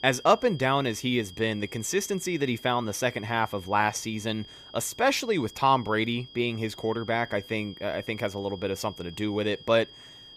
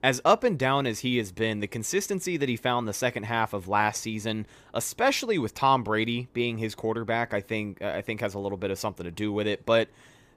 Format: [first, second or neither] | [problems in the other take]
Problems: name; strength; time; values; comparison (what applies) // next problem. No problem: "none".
second | high-pitched whine; noticeable; throughout; 3 kHz, 20 dB below the speech